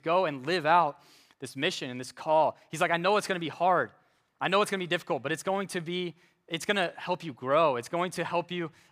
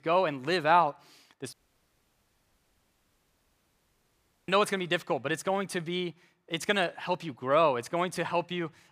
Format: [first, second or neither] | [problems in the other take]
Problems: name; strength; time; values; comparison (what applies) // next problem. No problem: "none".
first | audio cutting out; at 1.5 s for 3 s